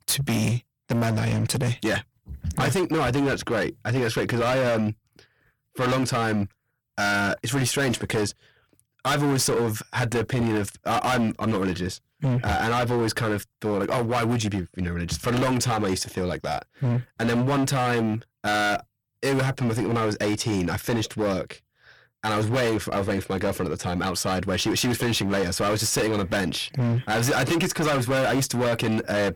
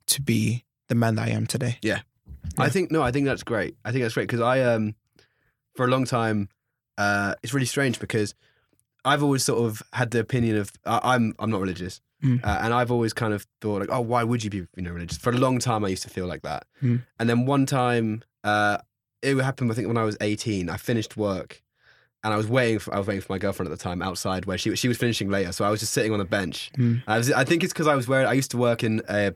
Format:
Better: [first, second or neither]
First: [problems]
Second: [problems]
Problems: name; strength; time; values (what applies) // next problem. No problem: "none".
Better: second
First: distortion; heavy; 21% of the sound clipped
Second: none